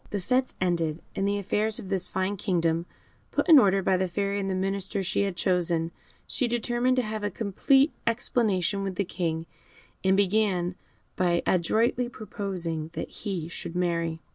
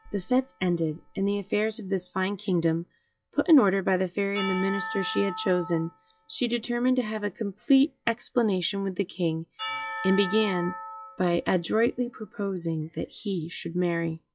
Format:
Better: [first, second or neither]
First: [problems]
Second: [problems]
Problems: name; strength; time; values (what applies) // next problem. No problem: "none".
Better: first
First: none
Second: noise reduction (classical method log-MMSE)